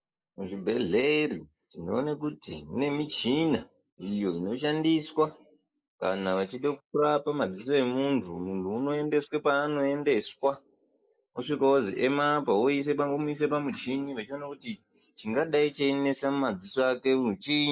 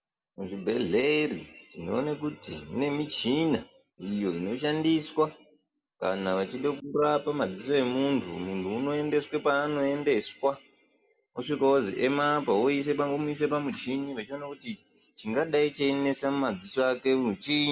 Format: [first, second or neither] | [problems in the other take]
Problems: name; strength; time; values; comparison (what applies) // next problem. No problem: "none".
second | noise reduction (neural mask model Resemble Enhance denoiser)